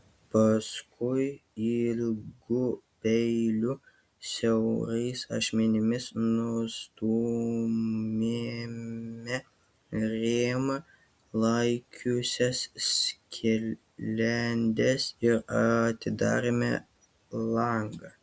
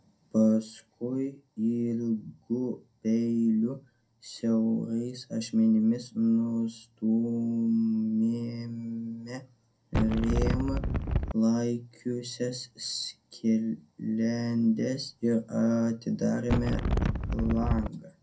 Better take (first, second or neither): first